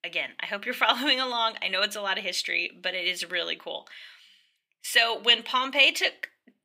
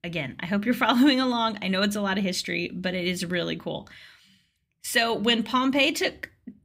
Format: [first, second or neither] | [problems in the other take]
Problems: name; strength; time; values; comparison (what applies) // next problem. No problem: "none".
second | thin; very; fading below 600 Hz